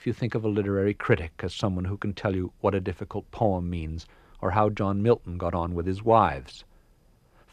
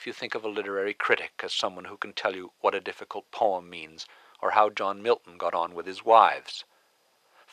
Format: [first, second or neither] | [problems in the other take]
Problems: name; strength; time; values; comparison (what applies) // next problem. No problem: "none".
first | thin; very; fading below 700 Hz